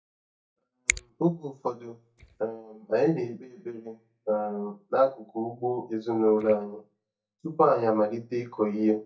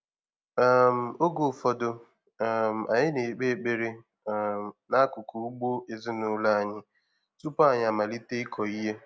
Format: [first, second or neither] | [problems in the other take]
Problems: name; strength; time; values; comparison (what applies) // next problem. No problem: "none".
second | noise reduction (neural mask model DeepFilterNet 3)